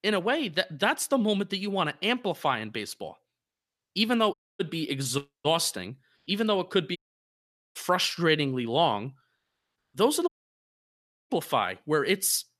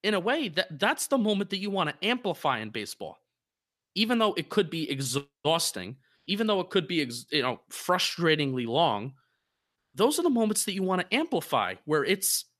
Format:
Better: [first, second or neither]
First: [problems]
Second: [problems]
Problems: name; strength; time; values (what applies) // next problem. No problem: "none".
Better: second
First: audio cutting out; at 4.5 s, at 7 s for 1 s and at 10 s for 1 s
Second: none